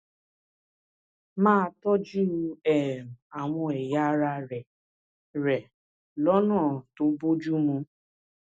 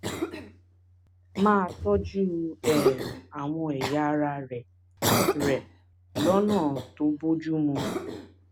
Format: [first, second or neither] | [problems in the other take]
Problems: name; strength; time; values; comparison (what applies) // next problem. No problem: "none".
first | background sound (Cough); 4 dB below the speech